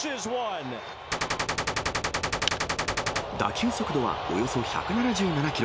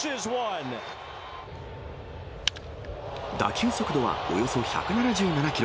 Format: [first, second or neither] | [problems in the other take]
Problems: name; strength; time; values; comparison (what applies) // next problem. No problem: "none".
second | background sound (Gunshot, gunfire); as loud as the speech